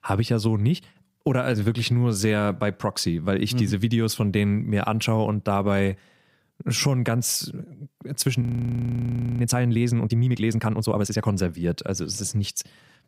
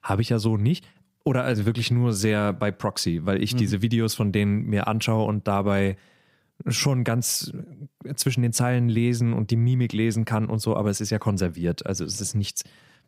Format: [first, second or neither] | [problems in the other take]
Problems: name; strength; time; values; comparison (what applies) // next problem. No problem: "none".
second | audio freezing; at 8.5 s for 1 s